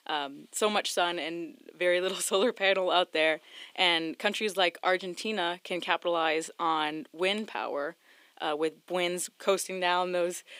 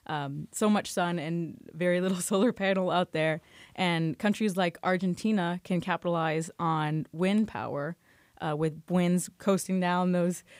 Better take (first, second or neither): second